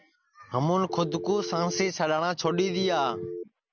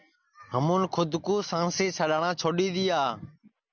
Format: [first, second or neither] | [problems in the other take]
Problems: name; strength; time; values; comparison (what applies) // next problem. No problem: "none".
second | background sound (Telephone); 7 dB below the speech